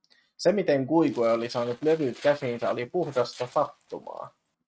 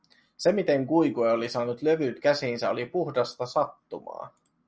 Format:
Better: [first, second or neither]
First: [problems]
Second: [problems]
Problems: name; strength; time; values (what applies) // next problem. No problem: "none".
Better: second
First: noise reduction (neural mask model RNNoise)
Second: none